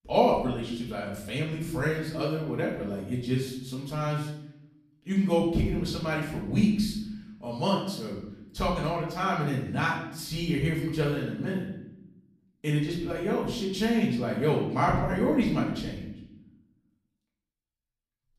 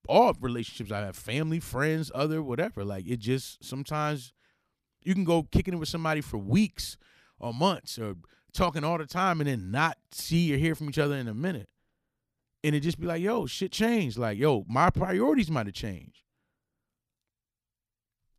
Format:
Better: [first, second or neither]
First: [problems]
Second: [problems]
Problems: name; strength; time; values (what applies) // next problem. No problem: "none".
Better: second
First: off-mic speech; far // room echo; noticeable; dies away in 0.8 s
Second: none